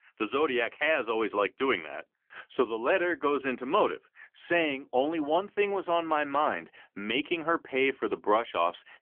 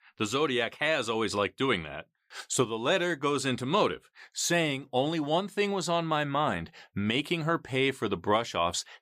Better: second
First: phone-call audio; nothing above 3 kHz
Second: none

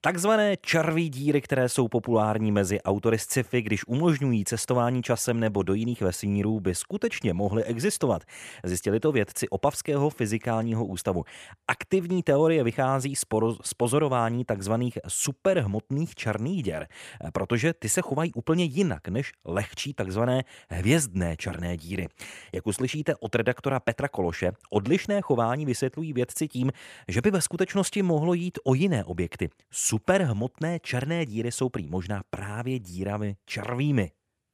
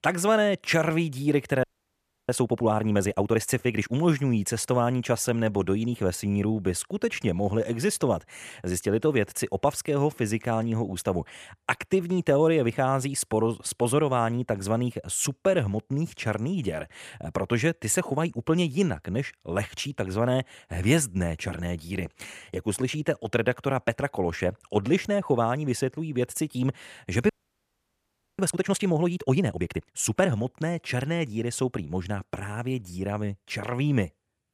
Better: first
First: none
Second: audio freezing; at 1.5 s for 0.5 s and at 27 s for 1 s

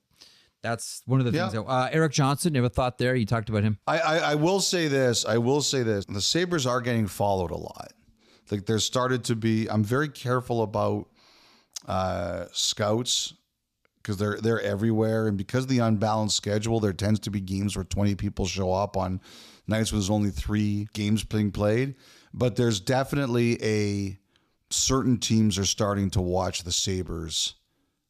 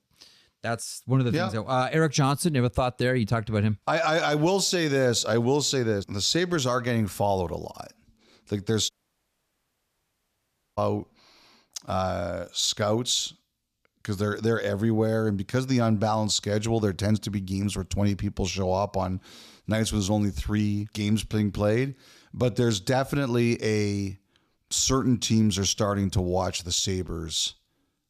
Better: first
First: none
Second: audio cutting out; at 9 s for 2 s

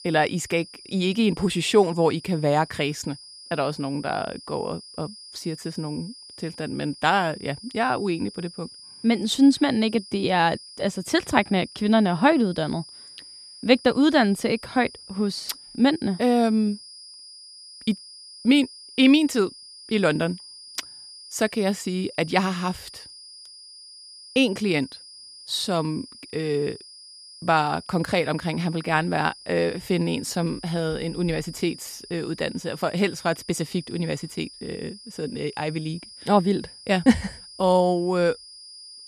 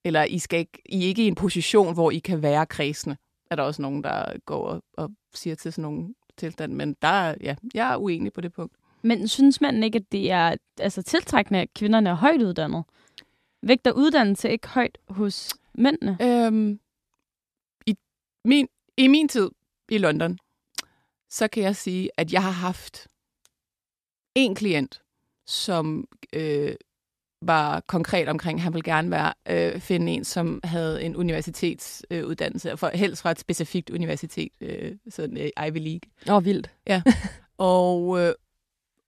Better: second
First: high-pitched whine; noticeable; throughout; 5 kHz, 20 dB below the speech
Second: none

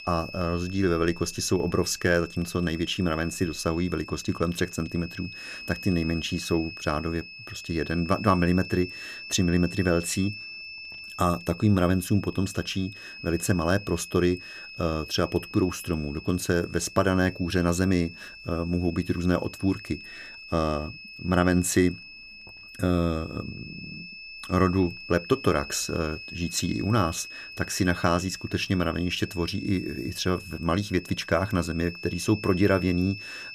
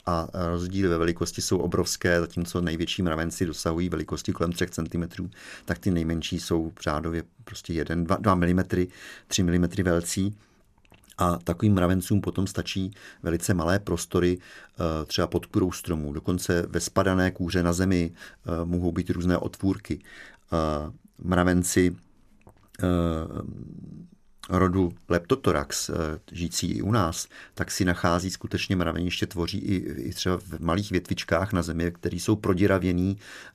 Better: second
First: high-pitched whine; noticeable; throughout; 2.5 kHz, 15 dB below the speech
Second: none

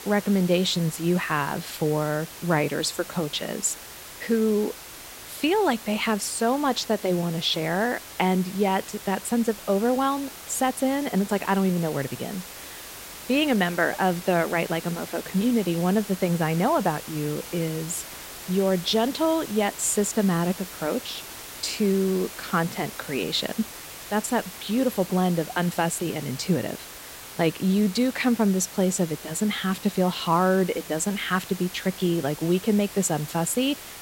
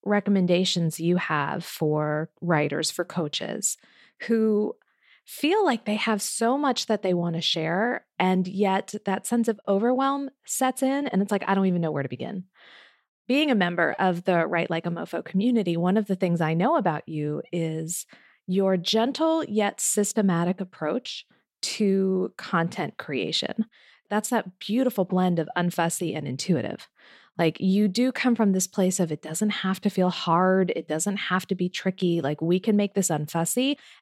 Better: second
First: hiss; noticeable; throughout; 15 dB below the speech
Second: none

